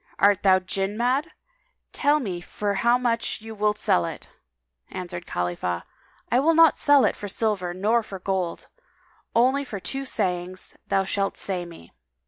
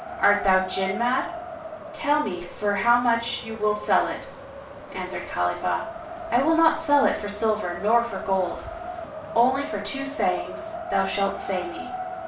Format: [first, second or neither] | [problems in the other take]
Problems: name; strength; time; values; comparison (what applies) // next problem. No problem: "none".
first | background sound (Wind); 10 dB below the speech // room echo; dies away in 0.4 s